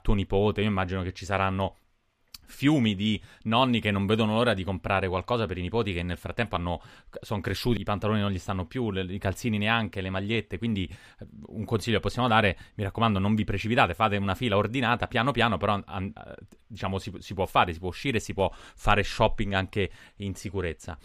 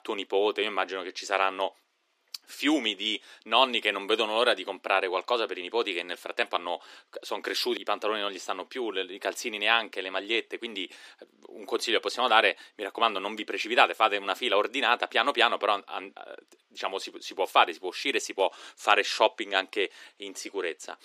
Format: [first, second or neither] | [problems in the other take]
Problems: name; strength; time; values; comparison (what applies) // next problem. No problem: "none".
first | thin; very; fading below 300 Hz